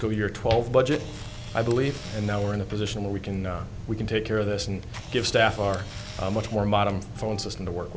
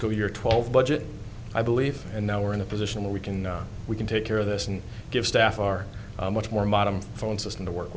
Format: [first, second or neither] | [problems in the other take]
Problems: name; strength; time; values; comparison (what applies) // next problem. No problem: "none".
second | background sound (Camera + Wind instrument, woodwind instrument); 19 dB below the speech